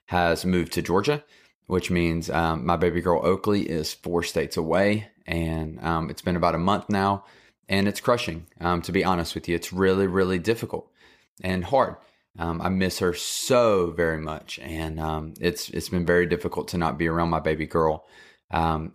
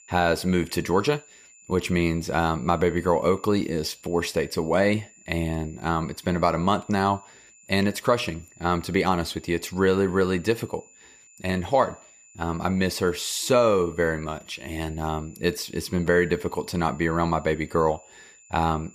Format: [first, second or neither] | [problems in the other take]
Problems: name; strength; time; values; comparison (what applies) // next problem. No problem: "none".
first | high-pitched whine; faint; throughout; 7 kHz, 25 dB below the speech